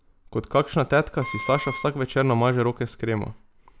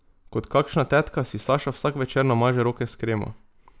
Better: second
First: background sound (Wind instrument, woodwind instrument); 11 dB below the speech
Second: none

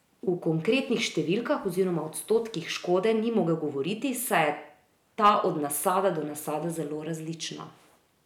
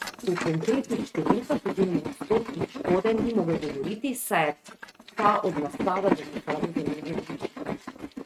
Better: first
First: none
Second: noise reduction (neural mask model RNNoise)

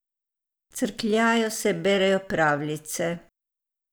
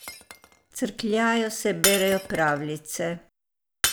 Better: first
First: none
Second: background sound (Shatter); 6 dB below the speech

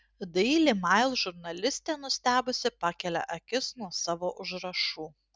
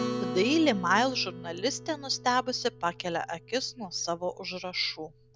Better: first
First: none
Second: background sound (Acoustic guitar); 10 dB below the speech

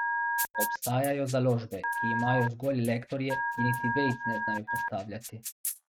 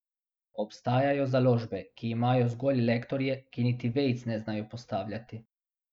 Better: second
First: noise reduction (neural mask model RNNoise)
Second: none

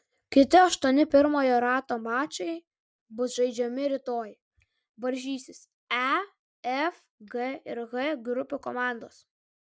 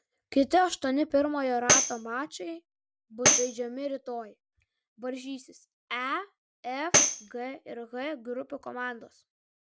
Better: first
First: none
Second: background sound (Tambourine); 3 dB above the speech

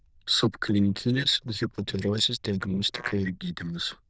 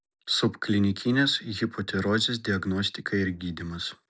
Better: second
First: noise reduction (neural diffusion model UNIVERSE++)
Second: none

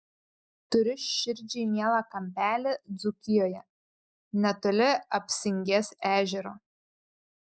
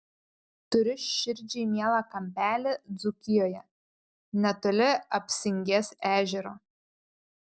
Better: second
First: noise reduction (neural mask model Resemble Enhance denoiser)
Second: none

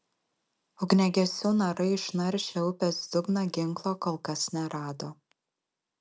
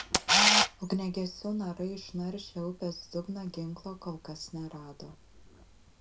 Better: first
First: none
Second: background sound (Camera); 5 dB above the speech // room echo; dies away in 0.2 s

